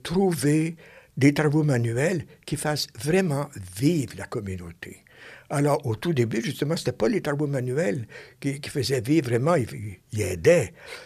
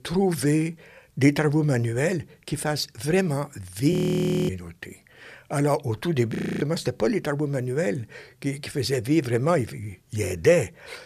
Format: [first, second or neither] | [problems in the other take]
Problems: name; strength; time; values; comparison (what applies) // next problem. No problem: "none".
first | audio freezing; at 4 s for 0.5 s and at 6.5 s